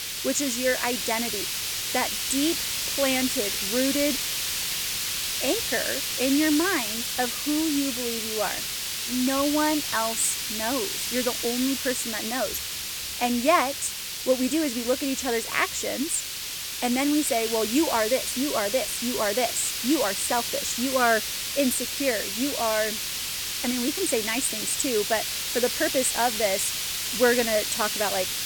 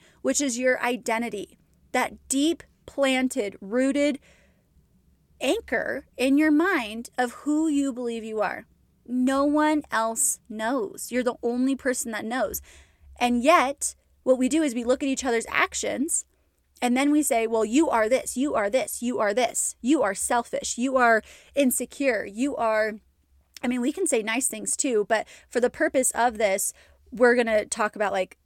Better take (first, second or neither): second